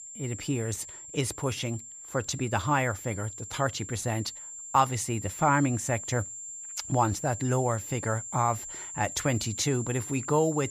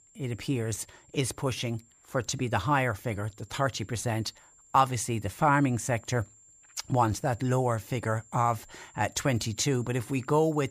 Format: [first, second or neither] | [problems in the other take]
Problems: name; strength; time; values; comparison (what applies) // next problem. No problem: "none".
second | high-pitched whine; loud; throughout; 7.5 kHz, 9 dB below the speech; faint in the second